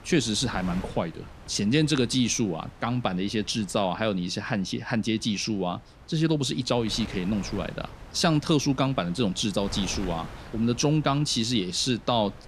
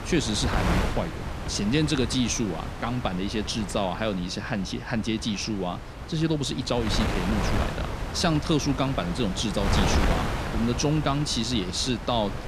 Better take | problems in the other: first | wind noise on the microphone; heavy; 5 dB below the speech; occasional gusts in the first

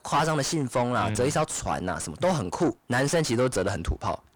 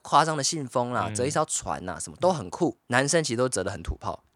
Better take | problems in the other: second | distortion; heavy; 5 dB below the speech

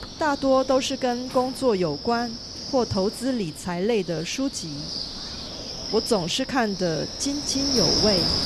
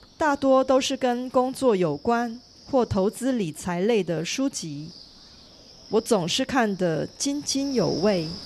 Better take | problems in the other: second | wind noise on the microphone; heavy; 4 dB below the speech; occasional gusts in the second

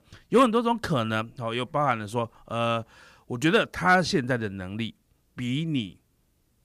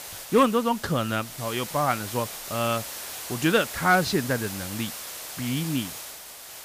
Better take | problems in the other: first | hiss; loud; throughout; 9 dB below the speech

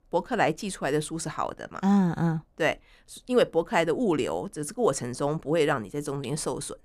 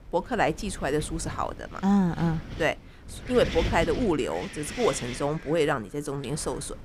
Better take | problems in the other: first | wind noise on the microphone; occasional gusts; 10 dB below the speech

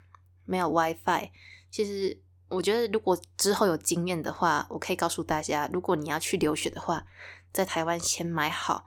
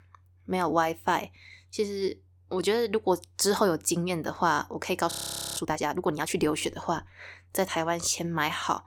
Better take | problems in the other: first | audio freezing; at 5 s

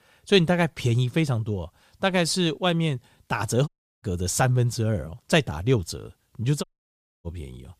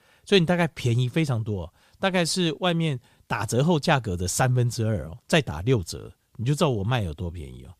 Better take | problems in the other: second | audio cutting out; at 3.5 s and at 6.5 s for 0.5 s

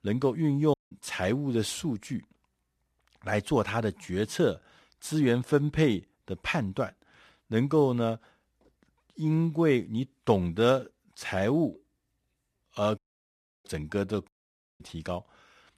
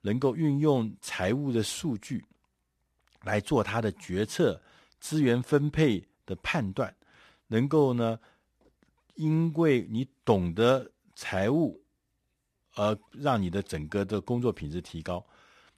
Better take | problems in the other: second | audio cutting out; at 0.5 s, at 13 s for 0.5 s and at 14 s for 0.5 s

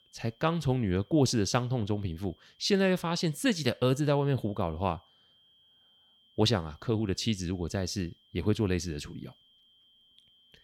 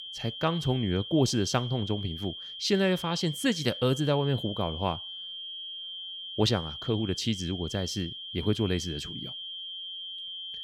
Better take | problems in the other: first | high-pitched whine; loud; throughout; 3 kHz, 8 dB below the speech; faint in the first

